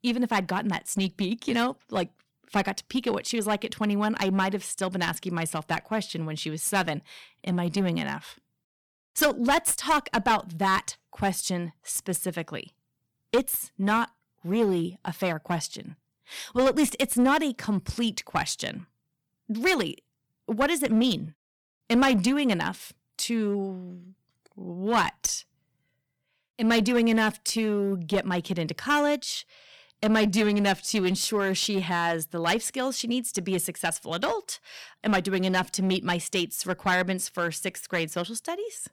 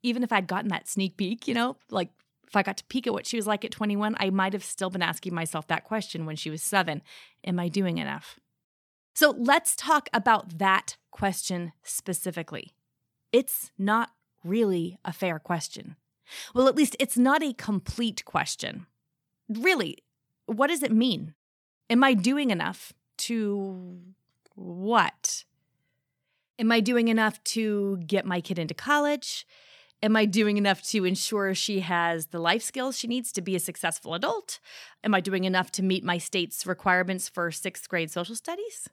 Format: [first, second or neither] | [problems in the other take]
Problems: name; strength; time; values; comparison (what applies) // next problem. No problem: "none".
second | distortion; slight; 5% of the sound clipped